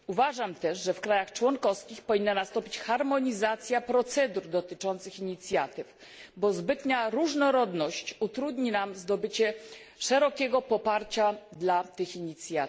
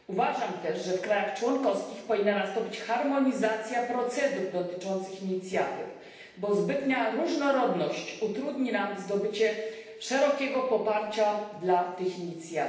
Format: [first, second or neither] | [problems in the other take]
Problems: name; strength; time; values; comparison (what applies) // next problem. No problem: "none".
first | room echo; dies away in 0.9 s